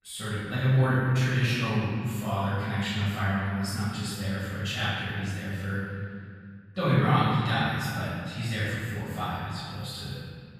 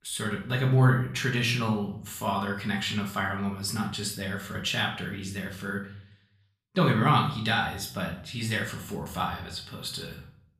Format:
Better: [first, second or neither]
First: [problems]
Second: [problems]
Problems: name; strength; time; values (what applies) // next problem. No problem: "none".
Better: second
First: room echo; strong; dies away in 2.2 s // off-mic speech; far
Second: room echo; slight; dies away in 0.4 s // off-mic speech; somewhat distant